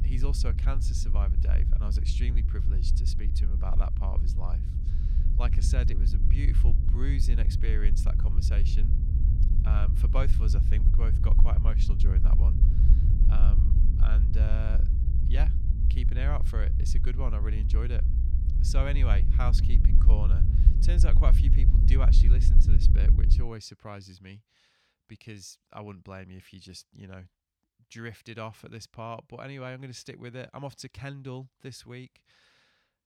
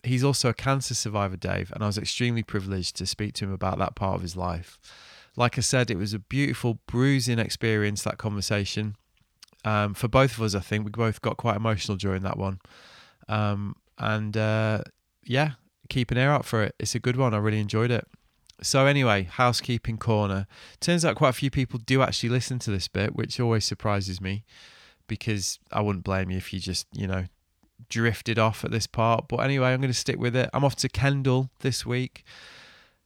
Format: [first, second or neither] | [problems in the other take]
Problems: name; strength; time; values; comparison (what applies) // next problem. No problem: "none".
second | low rumble; loud; until 23 s; 3 dB below the speech